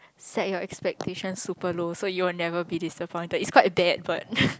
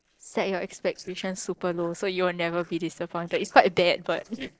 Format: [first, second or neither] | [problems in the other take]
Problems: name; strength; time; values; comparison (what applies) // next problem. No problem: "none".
first | noise reduction (neural separator model SepFormer DNS4)